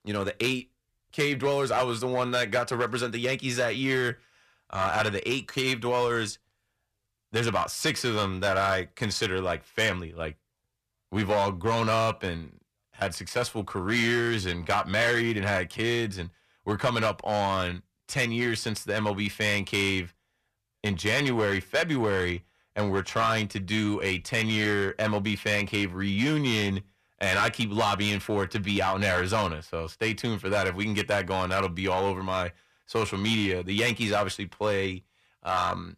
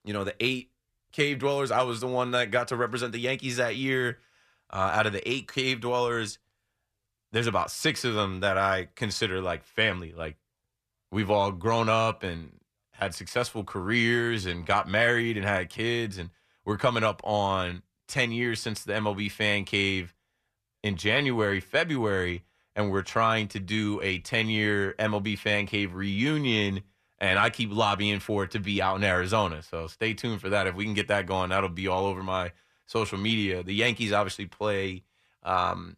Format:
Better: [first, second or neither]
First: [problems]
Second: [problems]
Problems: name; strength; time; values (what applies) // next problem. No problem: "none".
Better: second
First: distortion; slight; 5% of the sound clipped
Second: none